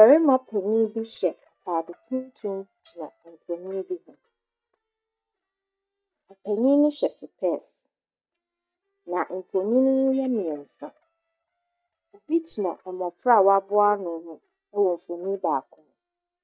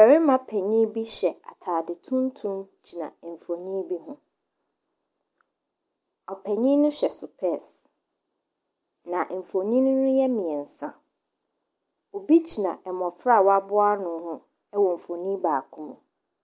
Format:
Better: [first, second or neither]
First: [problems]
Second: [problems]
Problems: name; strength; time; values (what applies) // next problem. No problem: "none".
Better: second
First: noise reduction (neural mask model DeepFilterNet 3)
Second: none